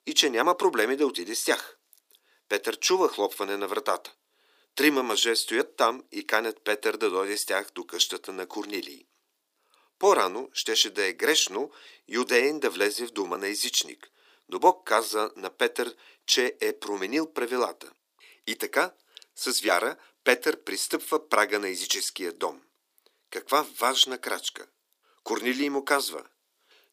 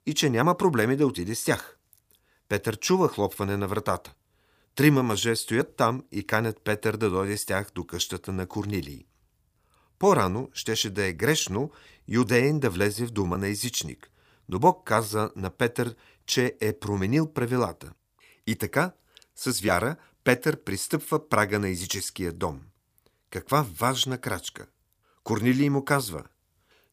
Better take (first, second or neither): second